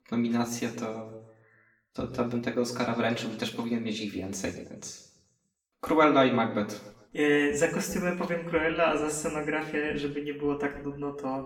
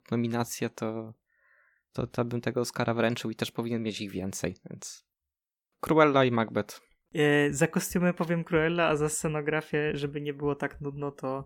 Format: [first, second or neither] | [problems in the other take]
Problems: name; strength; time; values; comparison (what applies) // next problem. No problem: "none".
second | room echo; slight; dies away in 0.7 s // off-mic speech; far